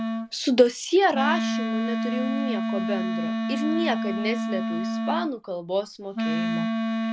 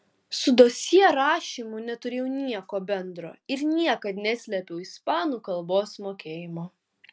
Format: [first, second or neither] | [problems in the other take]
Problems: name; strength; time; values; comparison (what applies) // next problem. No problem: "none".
second | background sound (Wind instrument, woodwind instrument); as loud as the speech